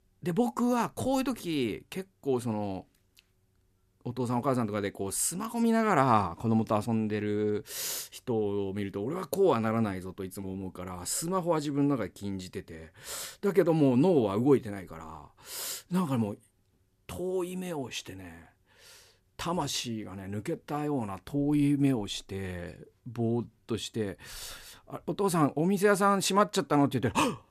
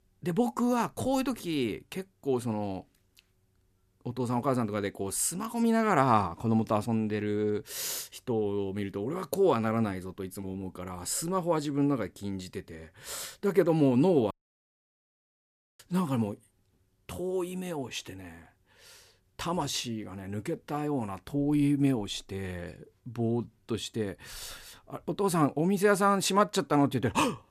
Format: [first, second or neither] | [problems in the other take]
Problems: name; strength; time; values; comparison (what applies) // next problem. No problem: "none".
first | audio cutting out; at 14 s for 1.5 s